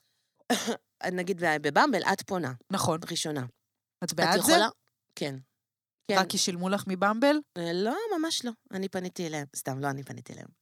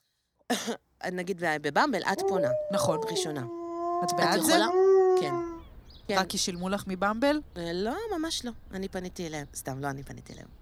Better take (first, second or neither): first